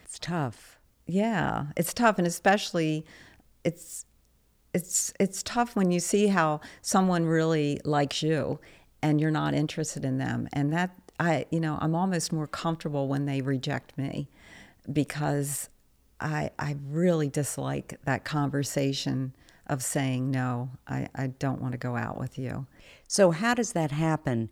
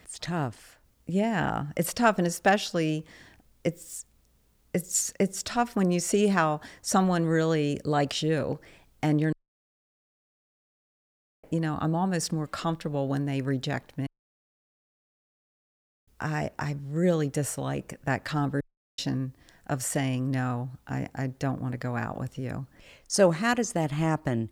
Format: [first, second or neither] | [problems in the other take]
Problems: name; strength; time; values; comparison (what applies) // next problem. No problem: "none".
first | audio cutting out; at 9.5 s for 2 s, at 14 s for 2 s and at 19 s